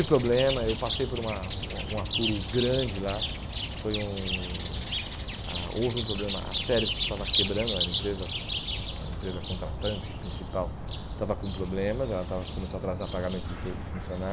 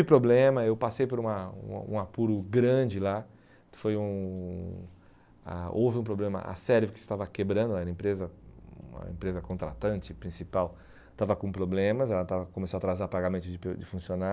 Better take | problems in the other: second | background sound (Chirp, tweet); 2 dB below the speech

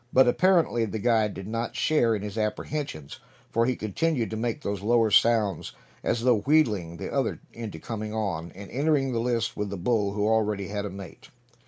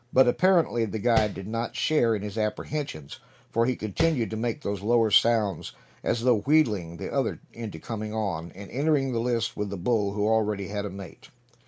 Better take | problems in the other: first | background sound (Tap); 6 dB below the speech

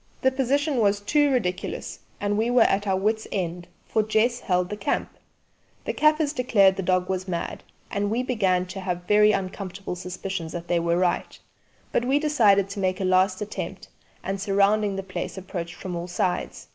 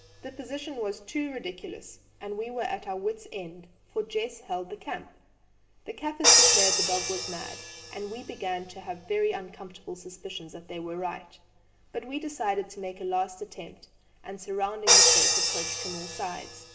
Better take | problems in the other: first | background sound (Crash cymbal); 4 dB above the speech // room echo; dies away in 0.8 s

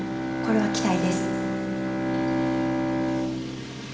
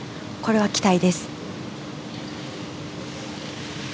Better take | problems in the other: second | background sound (Bowed string instrument); 4 dB above the speech // room echo; dies away in 2 s

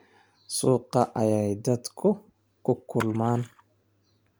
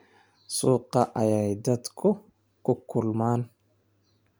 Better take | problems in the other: second | background sound (Splash, splatter); 17 dB below the speech

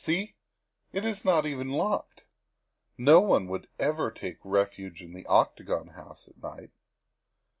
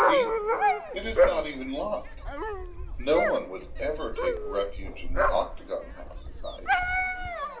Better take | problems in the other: first | background sound (Dog); 4 dB above the speech // room echo; dies away in 0.3 s

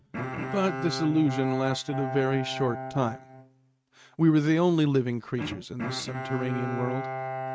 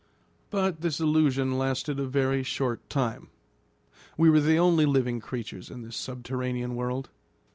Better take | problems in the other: second | noise reduction (neural mask model RNNoise)

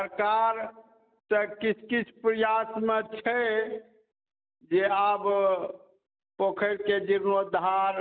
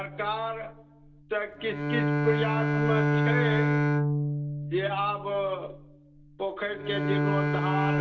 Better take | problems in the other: first | background sound (Bowed string instrument); 4 dB above the speech // room echo; dies away in 0.2 s

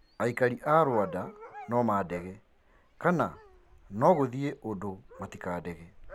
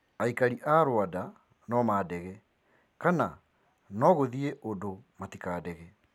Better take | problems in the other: second | background sound (Dog); 18 dB below the speech

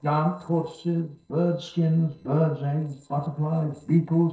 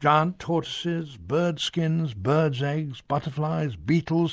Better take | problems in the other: second | noise reduction (neural separator model SepFormer DNS4)

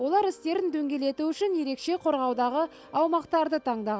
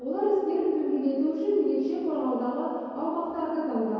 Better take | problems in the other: first | room echo; dies away in 2.2 s

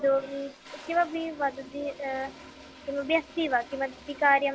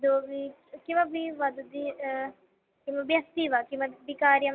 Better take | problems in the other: second | background sound (Toilet flush); 18 dB below the speech

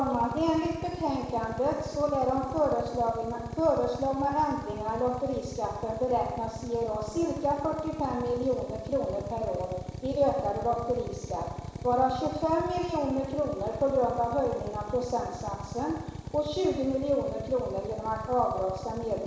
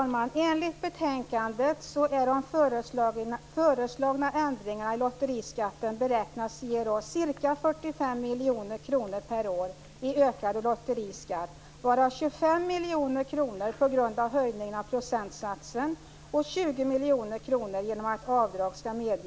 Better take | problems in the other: second | background sound (Drill); 10 dB below the speech // room echo; dies away in 1 s

